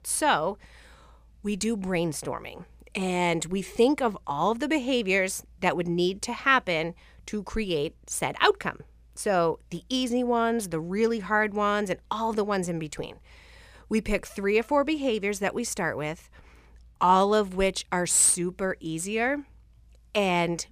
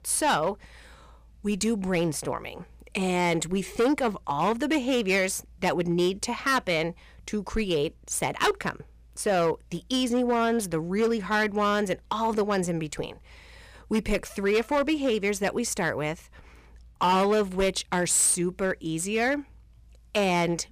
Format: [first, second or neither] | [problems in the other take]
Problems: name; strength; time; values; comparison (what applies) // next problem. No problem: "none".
first | distortion; slight; 6% of the sound clipped